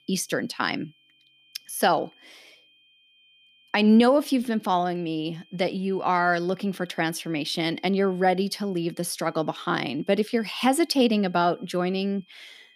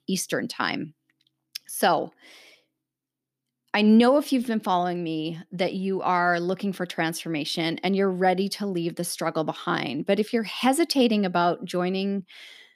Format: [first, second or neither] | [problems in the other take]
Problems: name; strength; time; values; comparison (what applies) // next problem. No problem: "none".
second | high-pitched whine; faint; throughout; 3 kHz, 30 dB below the speech